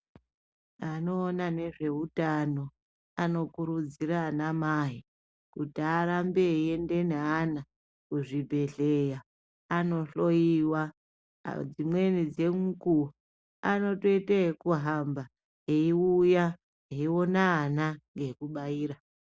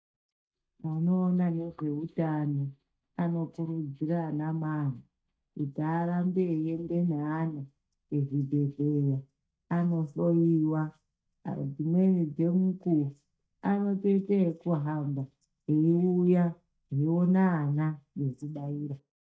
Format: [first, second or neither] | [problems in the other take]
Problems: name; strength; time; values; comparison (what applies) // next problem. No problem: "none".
first | noise reduction (neural mask model DeepFilterNet 3)